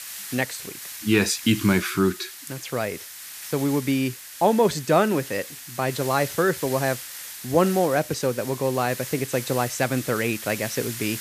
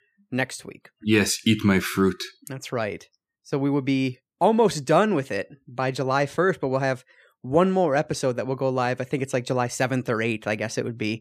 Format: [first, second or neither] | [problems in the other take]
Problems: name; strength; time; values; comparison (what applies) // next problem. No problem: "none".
second | hiss; noticeable; throughout; 10 dB below the speech